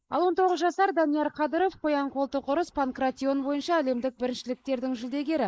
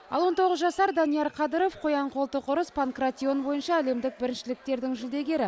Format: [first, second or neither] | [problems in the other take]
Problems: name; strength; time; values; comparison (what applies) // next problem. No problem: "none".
second | noise reduction (neural mask model Resemble Enhance denoiser)